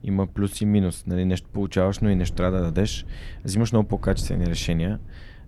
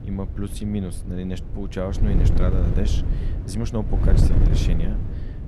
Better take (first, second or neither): first